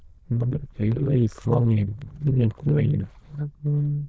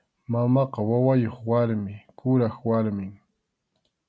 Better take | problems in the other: second | noise reduction (neural diffusion model UNIVERSE++)

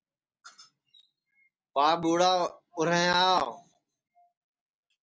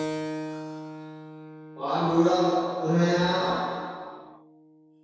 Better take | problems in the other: first | background sound (Keyboard (musical)); 12 dB below the speech // room echo; dies away in 2 s

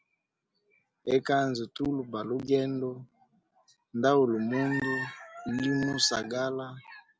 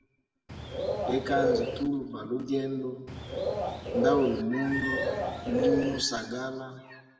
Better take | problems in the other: first | background sound (Bird); 1 dB above the speech // room echo; dies away in 1.2 s

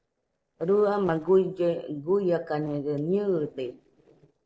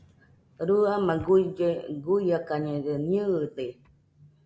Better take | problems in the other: second | noise reduction (neural separator model SepFormer DNS4)

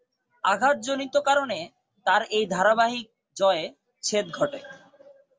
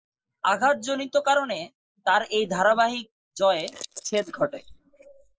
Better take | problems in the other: first | noise reduction (neural mask model Resemble Enhance denoiser)

